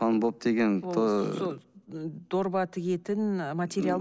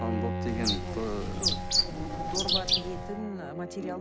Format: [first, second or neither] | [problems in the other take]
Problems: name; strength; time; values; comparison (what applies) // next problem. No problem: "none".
first | background sound (Bowed string instrument + Bird); 5 dB above the speech